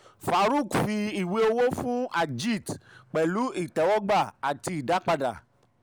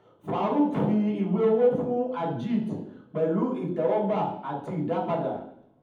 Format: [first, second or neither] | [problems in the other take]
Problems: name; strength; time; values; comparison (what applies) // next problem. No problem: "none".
first | room echo; dies away in 0.8 s